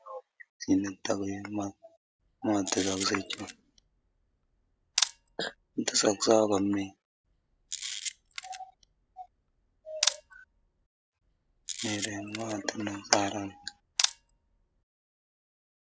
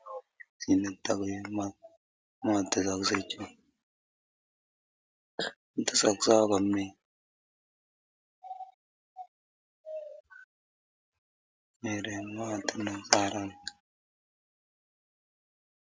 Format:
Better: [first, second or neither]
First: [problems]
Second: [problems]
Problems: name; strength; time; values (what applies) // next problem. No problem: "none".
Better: second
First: background sound (Camera); 5 dB below the speech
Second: none